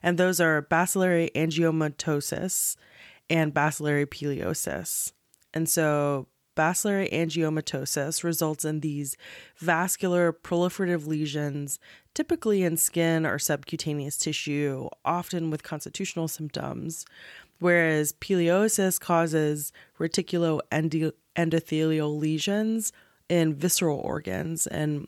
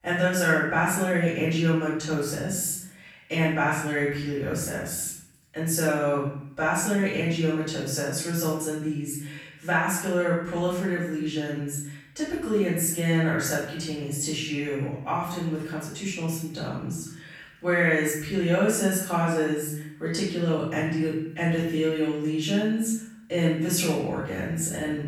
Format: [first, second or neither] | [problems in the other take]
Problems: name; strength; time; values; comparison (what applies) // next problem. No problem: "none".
first | off-mic speech; far // room echo; noticeable; dies away in 0.7 s